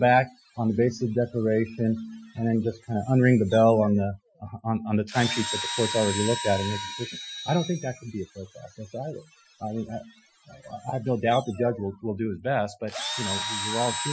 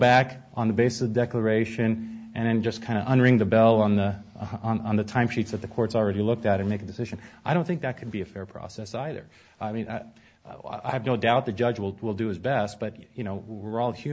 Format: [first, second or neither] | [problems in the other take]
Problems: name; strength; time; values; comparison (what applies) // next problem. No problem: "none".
second | noise reduction (classical method Wiener filter)